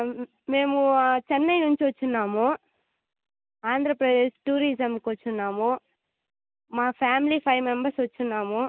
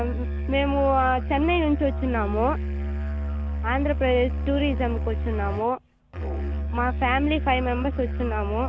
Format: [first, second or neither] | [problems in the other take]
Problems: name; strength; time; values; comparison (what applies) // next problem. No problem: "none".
first | background sound (Musical instrument); 2 dB below the speech